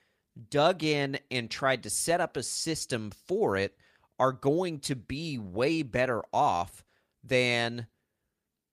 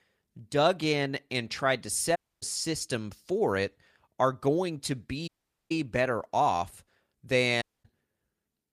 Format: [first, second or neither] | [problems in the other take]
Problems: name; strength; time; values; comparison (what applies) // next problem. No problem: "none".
first | audio cutting out; at 2 s, at 5.5 s and at 7.5 s